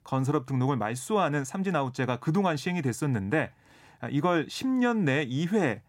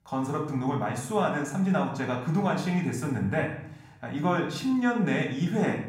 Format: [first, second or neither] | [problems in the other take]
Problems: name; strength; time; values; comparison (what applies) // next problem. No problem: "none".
first | room echo; slight; dies away in 0.6 s // off-mic speech; somewhat distant